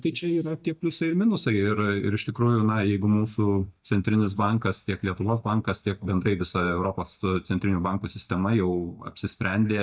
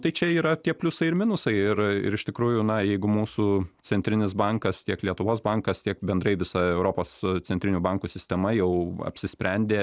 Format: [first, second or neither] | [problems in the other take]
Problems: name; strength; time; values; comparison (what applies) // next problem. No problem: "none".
second | noise reduction (neural mask model DeepFilterNet 3)